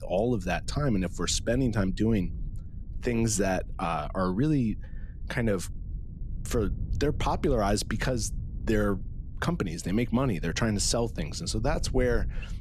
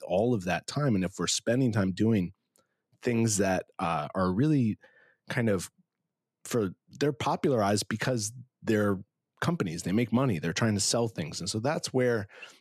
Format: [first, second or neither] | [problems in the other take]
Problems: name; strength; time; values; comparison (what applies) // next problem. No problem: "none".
second | low rumble; faint; throughout; 25 dB below the speech